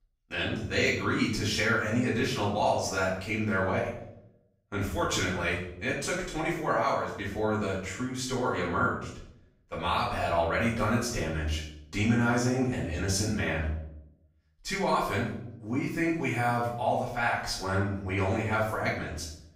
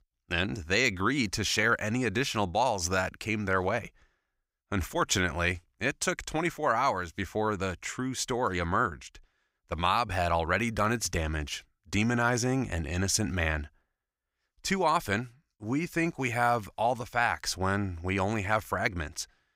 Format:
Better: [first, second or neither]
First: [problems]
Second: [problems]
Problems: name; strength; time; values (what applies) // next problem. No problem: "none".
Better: second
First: room echo; noticeable; dies away in 0.7 s // off-mic speech; far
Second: none